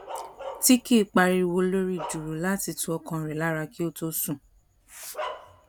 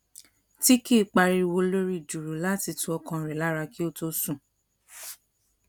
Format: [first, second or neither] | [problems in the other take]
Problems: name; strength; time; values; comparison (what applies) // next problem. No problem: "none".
second | background sound (Bark); 15 dB below the speech